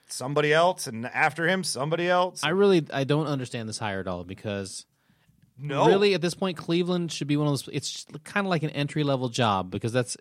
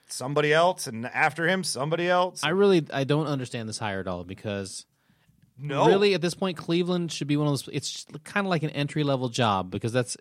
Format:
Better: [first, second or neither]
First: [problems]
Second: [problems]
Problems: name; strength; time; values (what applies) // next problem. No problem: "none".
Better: neither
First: none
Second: none